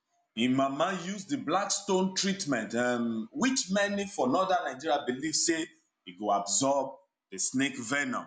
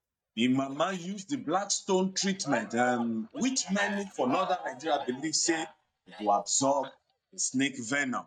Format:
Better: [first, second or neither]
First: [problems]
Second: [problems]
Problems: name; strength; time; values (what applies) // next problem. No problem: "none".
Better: first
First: none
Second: noise reduction (neural mask model DeepFilterNet 3)